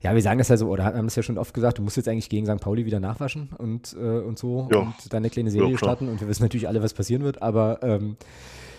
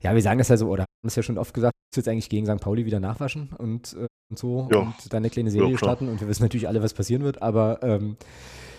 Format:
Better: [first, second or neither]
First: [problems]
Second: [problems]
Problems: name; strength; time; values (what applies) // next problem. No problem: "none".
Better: first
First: none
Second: audio cutting out; at 1 s, at 1.5 s and at 4 s